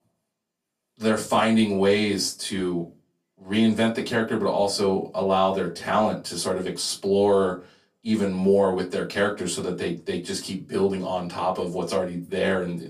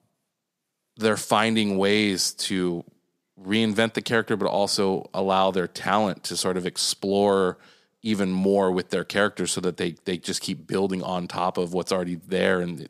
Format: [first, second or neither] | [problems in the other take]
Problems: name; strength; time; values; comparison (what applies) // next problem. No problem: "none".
second | off-mic speech; far // room echo; very slight; dies away in 0.2 s